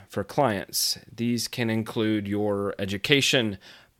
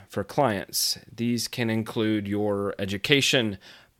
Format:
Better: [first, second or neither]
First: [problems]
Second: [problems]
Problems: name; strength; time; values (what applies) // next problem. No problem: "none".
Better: neither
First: none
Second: none